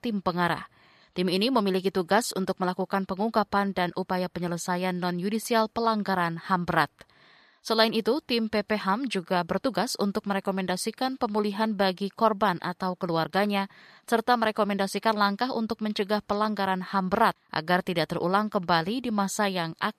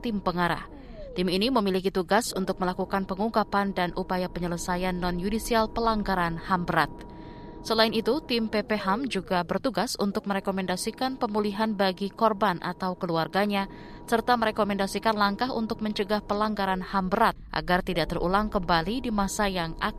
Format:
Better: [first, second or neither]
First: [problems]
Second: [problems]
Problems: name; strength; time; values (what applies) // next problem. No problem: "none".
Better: first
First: none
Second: low rumble; faint; throughout; 20 dB below the speech